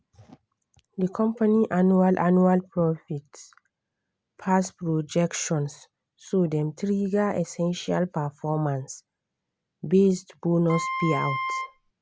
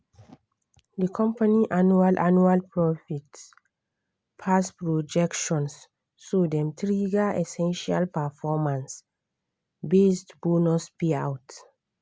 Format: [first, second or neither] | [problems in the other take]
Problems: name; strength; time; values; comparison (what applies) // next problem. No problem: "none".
second | background sound (Wind instrument, woodwind instrument); 5 dB below the speech